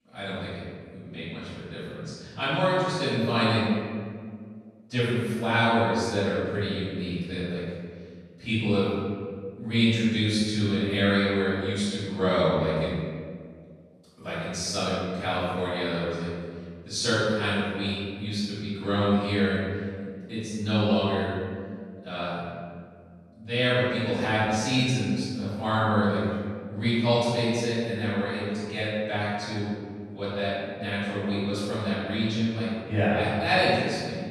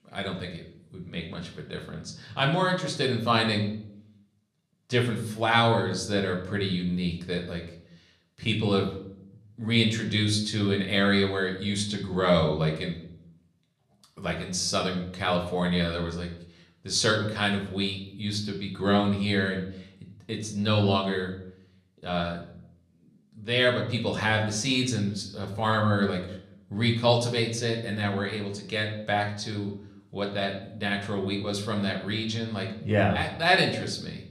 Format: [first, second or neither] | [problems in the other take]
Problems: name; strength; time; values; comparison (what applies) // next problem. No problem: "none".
second | room echo; strong; dies away in 1.8 s; slight in the second // off-mic speech; far; somewhat distant in the second